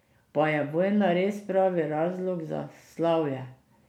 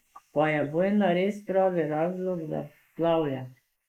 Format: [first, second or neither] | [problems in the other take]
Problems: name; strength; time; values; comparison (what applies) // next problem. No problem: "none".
first | noise reduction (neural mask model Resemble Enhance denoiser)